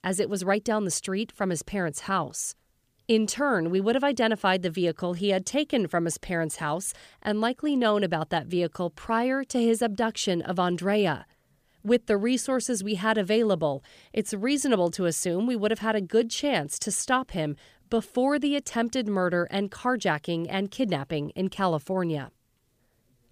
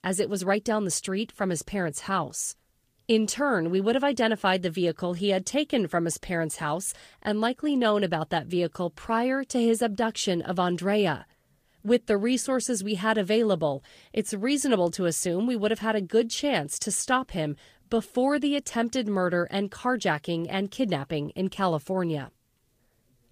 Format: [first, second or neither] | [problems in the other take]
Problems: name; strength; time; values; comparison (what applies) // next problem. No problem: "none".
first | garbled, watery; slightly; nothing above 15 kHz